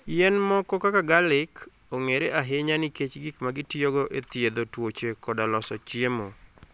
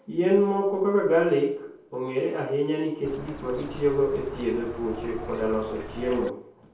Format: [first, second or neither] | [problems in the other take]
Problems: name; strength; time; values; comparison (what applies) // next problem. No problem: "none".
first | background sound (Bird); 12 dB below the speech // room echo; dies away in 0.7 s